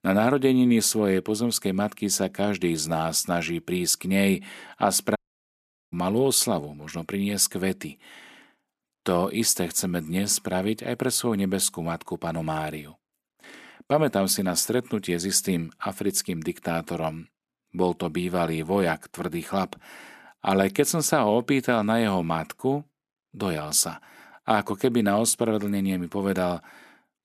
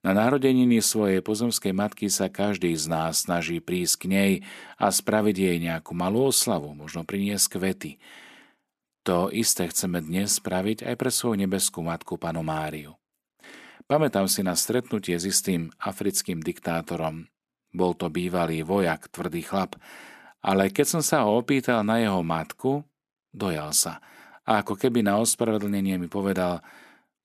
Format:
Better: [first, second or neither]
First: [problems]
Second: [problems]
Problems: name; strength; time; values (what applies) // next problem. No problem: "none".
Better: second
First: audio cutting out; at 5 s for 1 s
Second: none